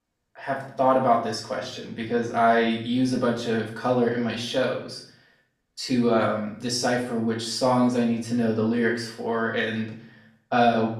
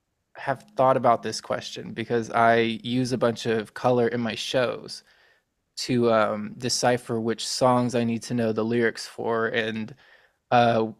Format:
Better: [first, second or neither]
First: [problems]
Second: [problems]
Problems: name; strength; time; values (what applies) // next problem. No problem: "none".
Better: second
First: room echo; slight; dies away in 0.5 s // off-mic speech; far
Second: none